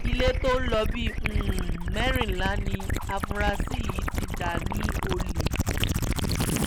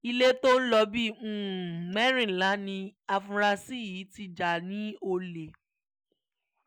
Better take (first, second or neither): second